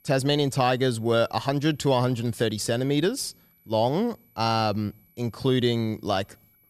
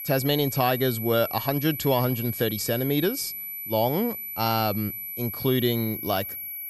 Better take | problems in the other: first | high-pitched whine; loud; throughout; 12 kHz, 6 dB below the speech; faint in the first

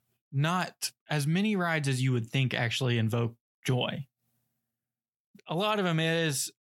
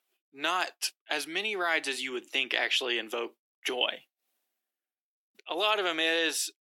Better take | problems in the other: first | thin; very; fading below 300 Hz

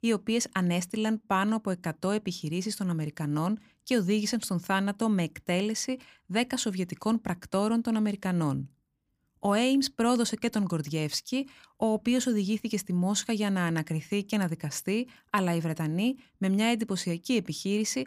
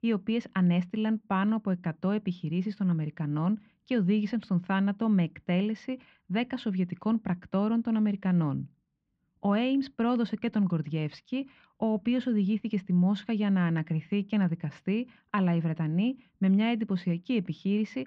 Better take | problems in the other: first | muffled; very; fading above 3 kHz

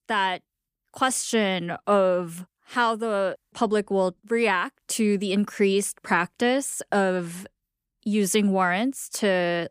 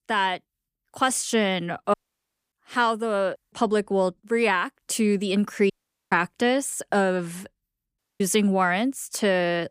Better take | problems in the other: first | audio cutting out; at 2 s for 0.5 s, at 5.5 s and at 8 s

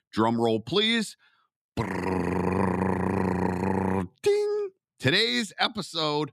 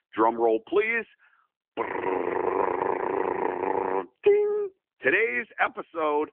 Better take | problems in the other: first | phone-call audio

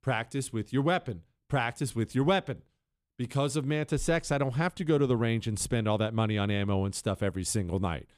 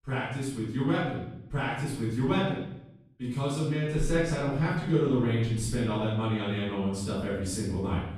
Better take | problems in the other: first | off-mic speech; far // room echo; noticeable; dies away in 0.8 s

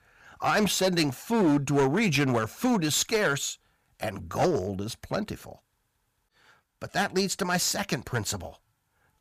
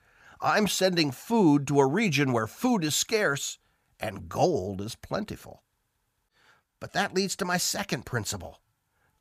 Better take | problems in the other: second | distortion; slight; 5% of the sound clipped

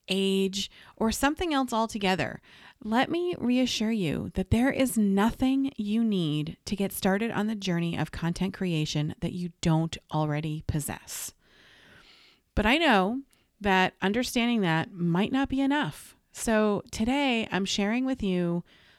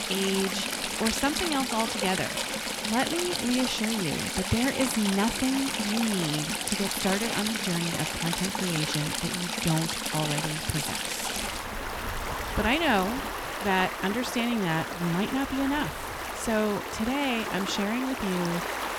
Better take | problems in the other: first | rain or running water; loud; throughout; 1 dB below the speech

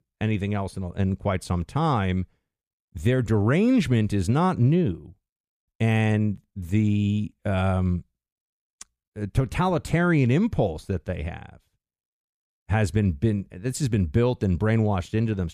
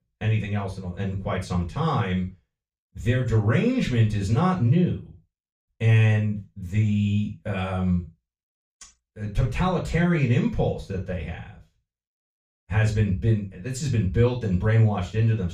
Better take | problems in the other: first | room echo; slight; dies away in 0.3 s // off-mic speech; far

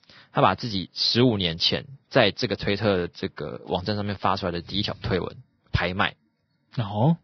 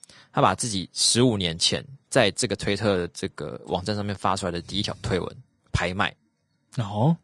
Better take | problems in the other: second | garbled, watery; badly; nothing above 5.5 kHz; slightly in the second

